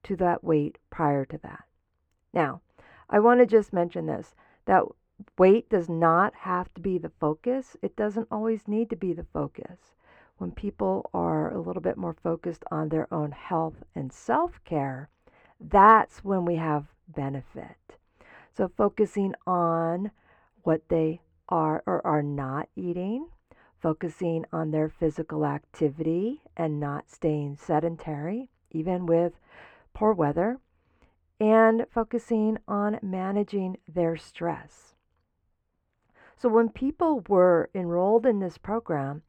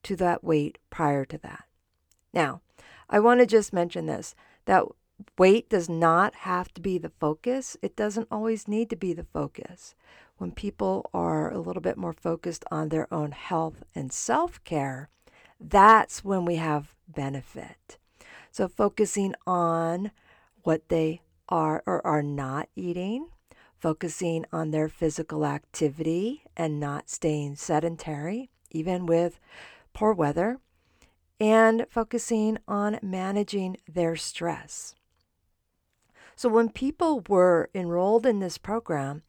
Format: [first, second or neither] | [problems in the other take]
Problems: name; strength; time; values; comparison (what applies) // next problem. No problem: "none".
second | muffled; very; fading above 3 kHz